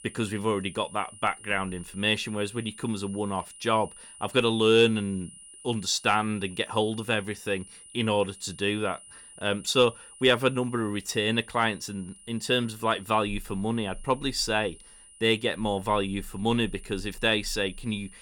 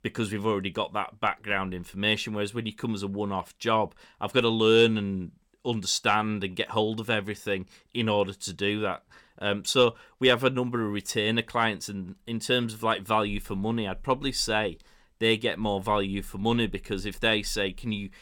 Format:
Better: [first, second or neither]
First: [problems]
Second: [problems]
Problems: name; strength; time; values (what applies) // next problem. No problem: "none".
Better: second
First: high-pitched whine; noticeable; throughout; 9.5 kHz, 20 dB below the speech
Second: none